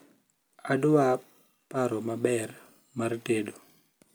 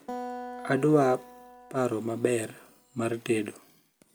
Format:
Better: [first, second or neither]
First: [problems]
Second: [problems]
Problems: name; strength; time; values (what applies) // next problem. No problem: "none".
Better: first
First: none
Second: background sound (Acoustic guitar); 15 dB below the speech